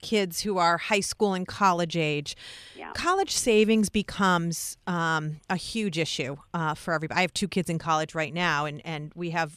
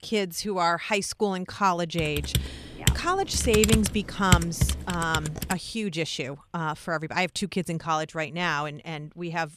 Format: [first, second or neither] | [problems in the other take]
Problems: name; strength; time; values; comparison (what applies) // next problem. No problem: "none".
first | keyboard typing; loud; from 2 to 5.5 s; peak 4 dB above the speech